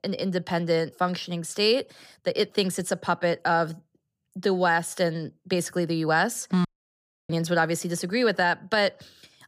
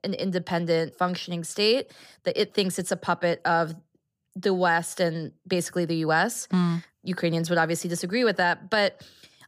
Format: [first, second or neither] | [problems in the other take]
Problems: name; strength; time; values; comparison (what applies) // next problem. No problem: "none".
second | audio cutting out; at 6.5 s for 0.5 s